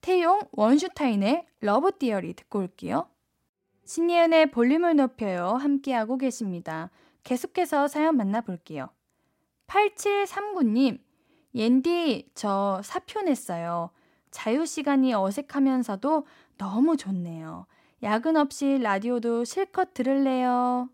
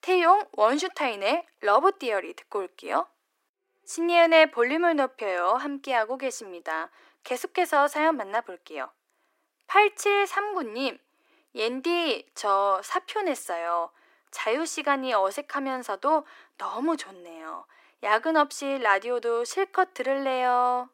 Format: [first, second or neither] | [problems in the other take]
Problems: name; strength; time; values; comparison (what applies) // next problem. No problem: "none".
first | thin; very; fading below 350 Hz